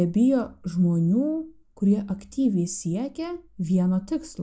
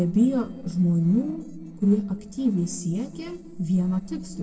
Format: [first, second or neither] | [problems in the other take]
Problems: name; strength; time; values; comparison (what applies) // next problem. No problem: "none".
first | noise reduction (neural separator model SepFormer DNS4)